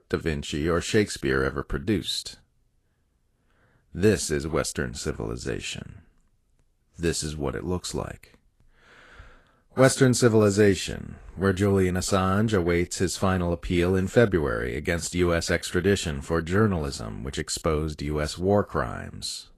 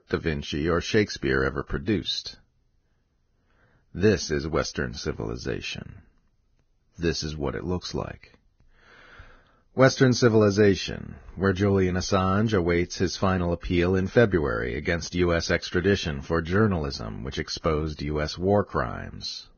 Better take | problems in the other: first | garbled, watery; badly; nothing above 6.5 kHz; slightly in the first

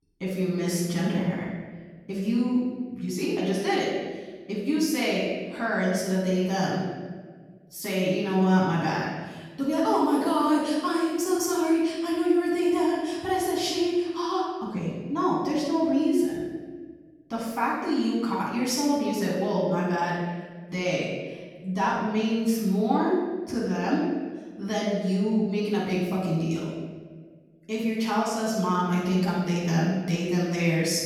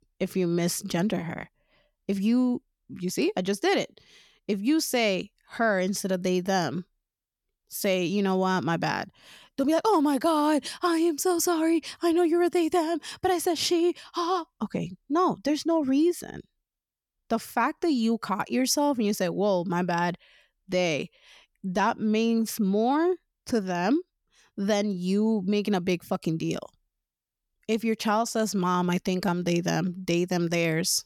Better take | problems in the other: second | off-mic speech; far // room echo; strong; dies away in 1.2 s

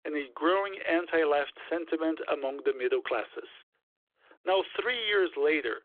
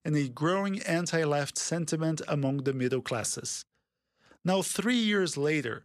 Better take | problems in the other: second | phone-call audio; nothing above 3.5 kHz

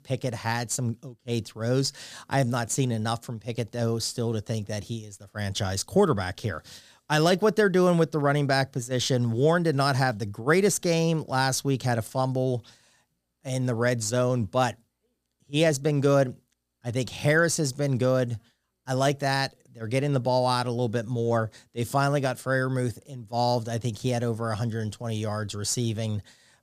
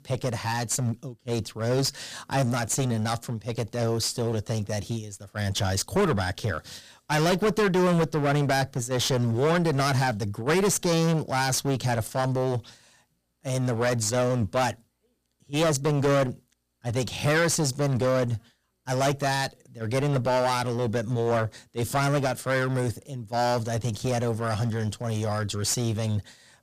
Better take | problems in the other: first | distortion; heavy; 14% of the sound clipped

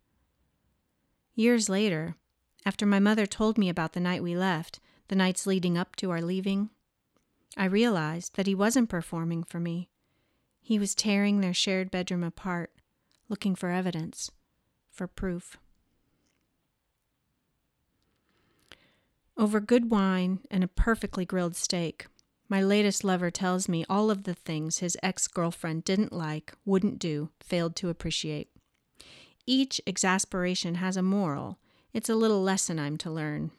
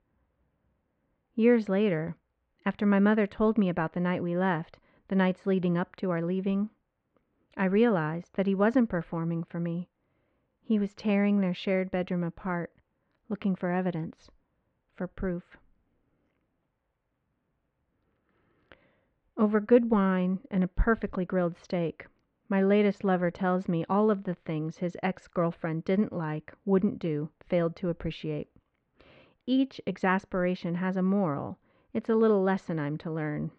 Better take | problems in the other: first | muffled; very; fading above 2 kHz

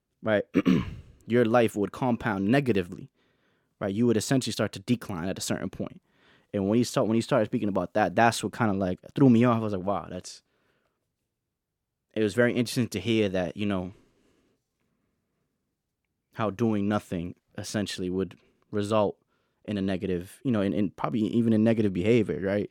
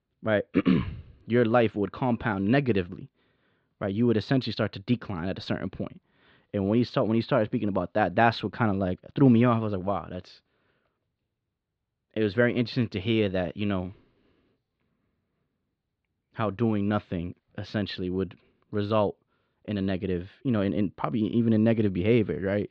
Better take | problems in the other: first | muffled; very slightly; fading above 4 kHz

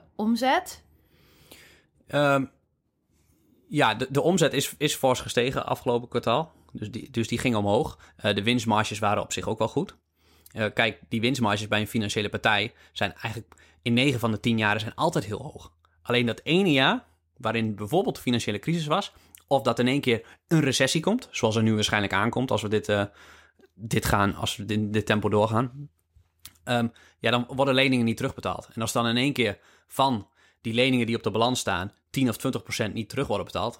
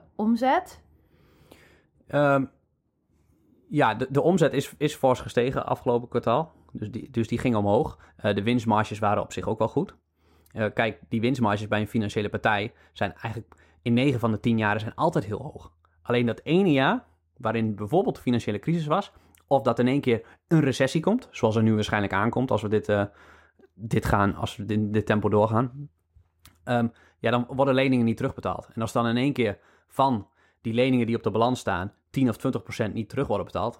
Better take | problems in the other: first | muffled; slightly; fading above 2 kHz

